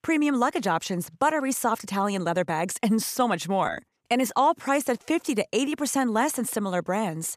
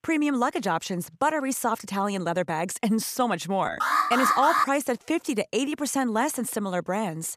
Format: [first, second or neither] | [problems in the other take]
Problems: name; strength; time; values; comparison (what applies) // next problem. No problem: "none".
first | alarm; loud; at 4 s; peak 4 dB above the speech